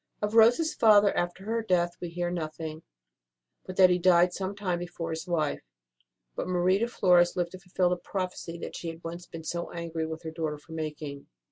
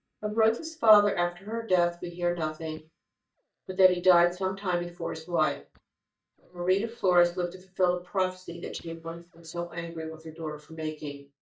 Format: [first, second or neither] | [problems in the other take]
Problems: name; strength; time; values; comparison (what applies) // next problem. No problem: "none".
first | noise reduction (neural mask model DeepFilterNet 3)